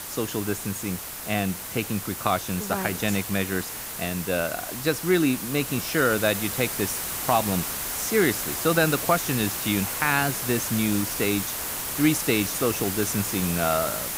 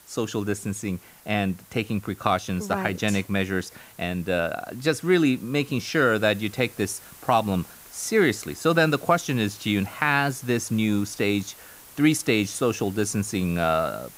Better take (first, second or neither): second